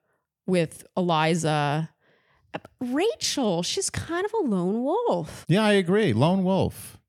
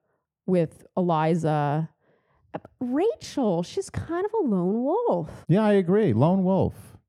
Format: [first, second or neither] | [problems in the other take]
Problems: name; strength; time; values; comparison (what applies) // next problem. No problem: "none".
first | muffled; slightly; fading above 1.5 kHz